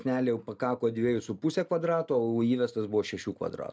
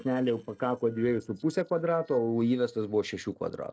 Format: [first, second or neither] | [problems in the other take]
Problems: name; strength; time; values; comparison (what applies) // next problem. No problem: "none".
first | noise reduction (neural separator model SepFormer DNS4)